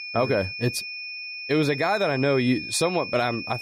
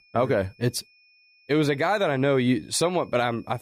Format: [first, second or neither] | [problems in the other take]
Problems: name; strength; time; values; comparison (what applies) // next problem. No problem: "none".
second | high-pitched whine; loud; throughout; 2.5 kHz, 8 dB below the speech; faint in the second